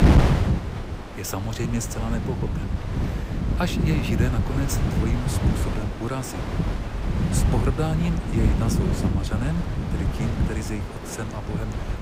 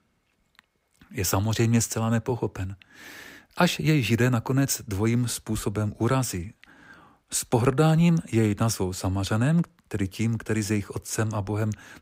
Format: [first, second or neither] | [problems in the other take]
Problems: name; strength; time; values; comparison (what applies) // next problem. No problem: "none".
second | wind noise on the microphone; heavy; as loud as the speech